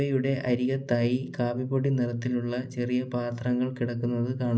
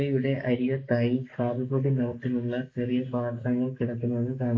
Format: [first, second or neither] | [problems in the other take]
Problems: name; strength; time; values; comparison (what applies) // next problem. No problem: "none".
first | noise reduction (neural mask model Resemble Enhance denoiser)